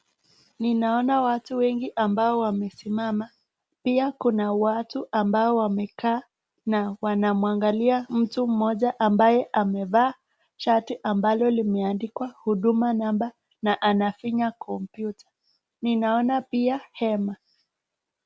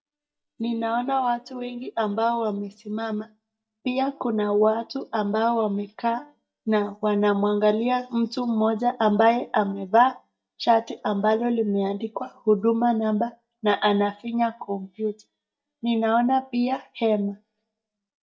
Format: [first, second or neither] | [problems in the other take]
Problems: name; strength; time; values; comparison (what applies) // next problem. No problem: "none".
first | noise reduction (neural mask model DeepFilterNet 3)